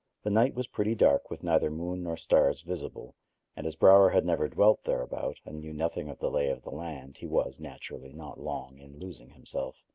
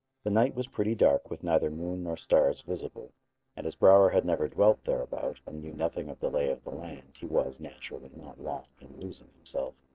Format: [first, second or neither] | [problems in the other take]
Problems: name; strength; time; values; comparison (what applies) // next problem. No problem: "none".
first | noise reduction (neural separator model SepFormer DNS4)